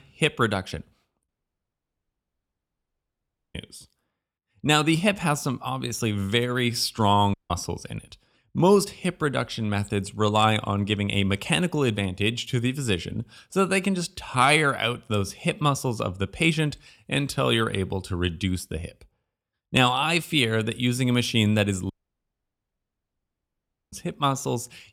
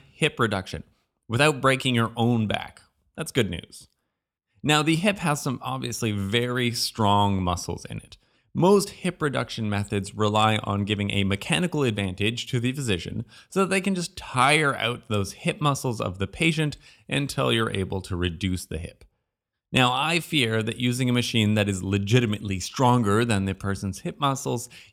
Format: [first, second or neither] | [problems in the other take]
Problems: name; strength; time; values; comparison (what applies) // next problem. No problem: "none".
second | audio cutting out; at 1.5 s for 2.5 s, at 7.5 s and at 22 s for 2 s